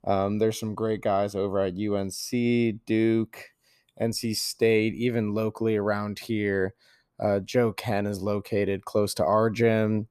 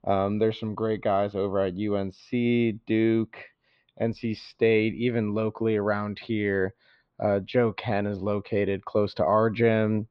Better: first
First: none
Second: muffled; slightly; fading above 4 kHz

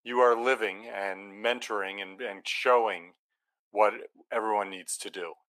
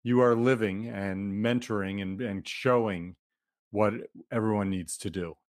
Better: second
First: thin; very; fading below 450 Hz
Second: none

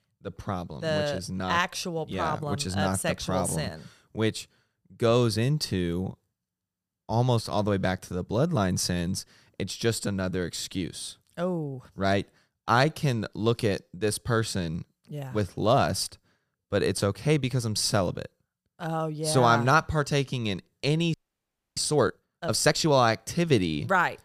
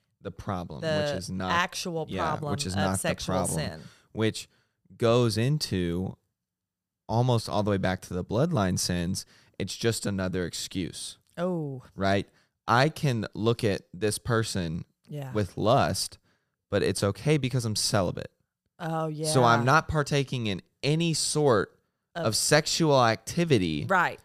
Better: second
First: audio freezing; at 21 s for 0.5 s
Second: none

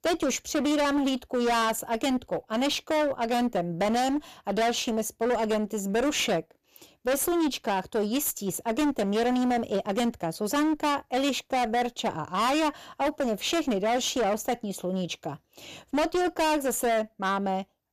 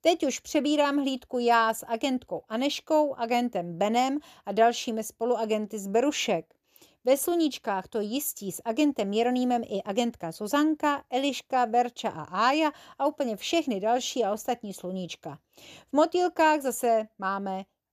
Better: second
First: distortion; heavy; 22% of the sound clipped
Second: none

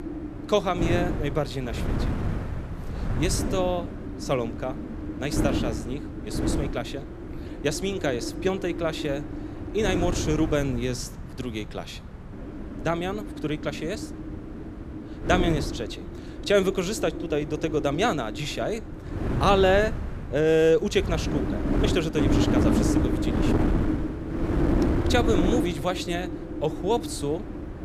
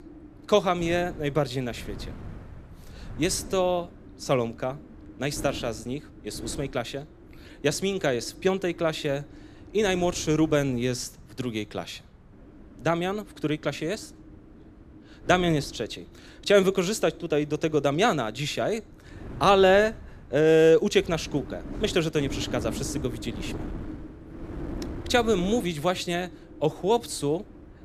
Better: second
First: wind noise on the microphone; heavy; 7 dB below the speech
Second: wind noise on the microphone; occasional gusts; 20 dB below the speech

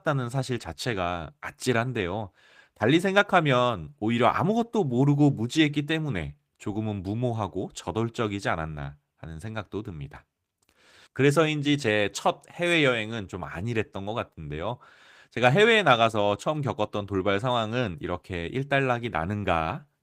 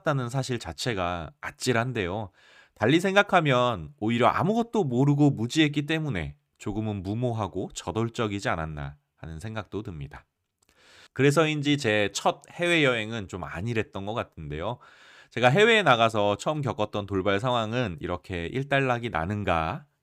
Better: second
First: garbled, watery; slightly; nothing above 15.5 kHz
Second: none

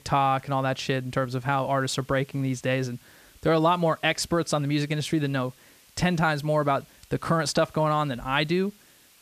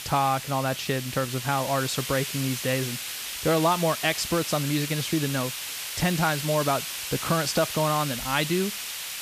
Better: first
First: hiss; faint; throughout; 30 dB below the speech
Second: hiss; loud; throughout; 5 dB below the speech

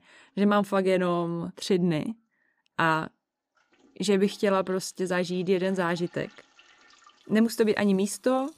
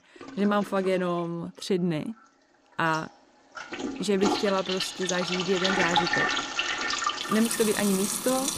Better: first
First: household noises; faint; throughout; 30 dB below the speech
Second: household noises; loud; throughout; as loud as the speech

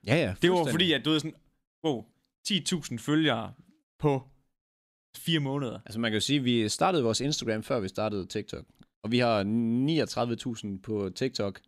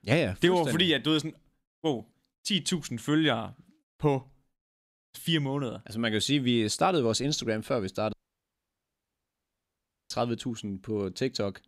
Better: first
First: none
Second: audio cutting out; at 8 s for 2 s

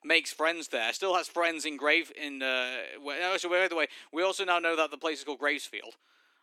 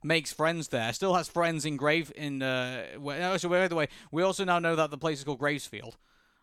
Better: second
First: thin; somewhat; fading below 300 Hz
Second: none

